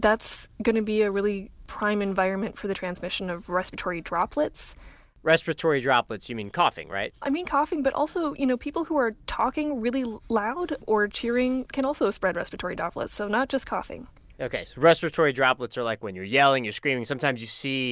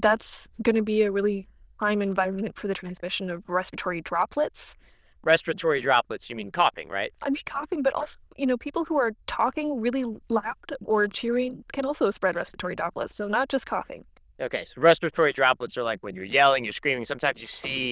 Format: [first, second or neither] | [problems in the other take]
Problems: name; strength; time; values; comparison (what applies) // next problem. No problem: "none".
first | noise reduction (neural diffusion model UNIVERSE++)